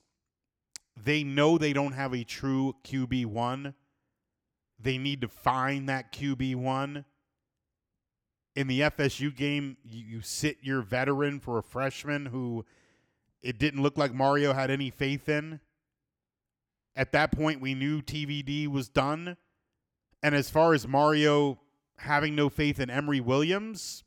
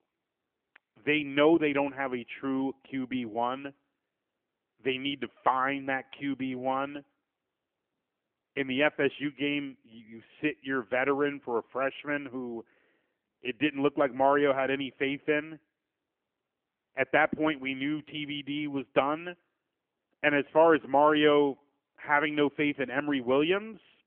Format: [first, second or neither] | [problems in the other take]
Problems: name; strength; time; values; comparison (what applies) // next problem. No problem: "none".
first | phone-call audio; nothing above 3 kHz